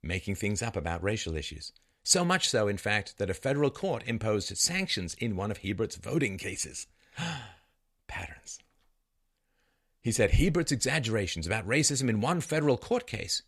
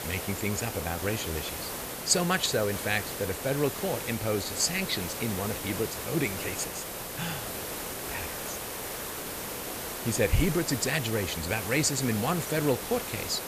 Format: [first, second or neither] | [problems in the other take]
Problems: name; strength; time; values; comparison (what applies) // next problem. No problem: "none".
first | hiss; loud; throughout; 5 dB below the speech